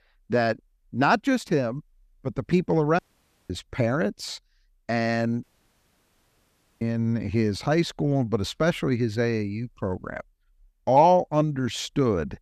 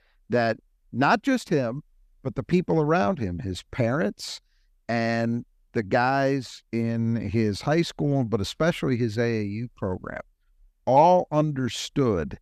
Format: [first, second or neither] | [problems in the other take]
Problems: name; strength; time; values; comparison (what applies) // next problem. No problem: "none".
second | audio cutting out; at 3 s for 0.5 s and at 5.5 s for 1.5 s